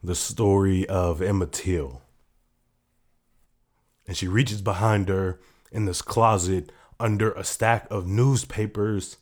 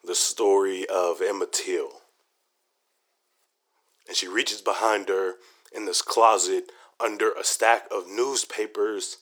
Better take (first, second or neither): first